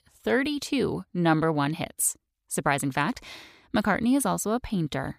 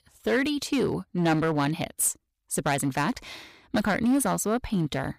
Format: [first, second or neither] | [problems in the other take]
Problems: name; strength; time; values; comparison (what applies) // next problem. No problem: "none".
first | distortion; slight; 6% of the sound clipped